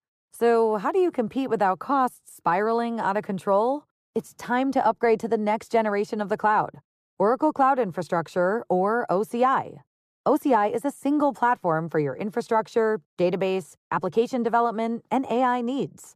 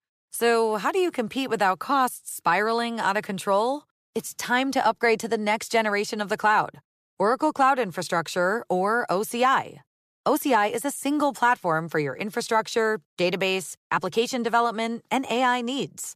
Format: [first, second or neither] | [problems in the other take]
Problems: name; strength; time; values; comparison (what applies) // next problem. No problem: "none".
second | muffled; slightly; fading above 1.5 kHz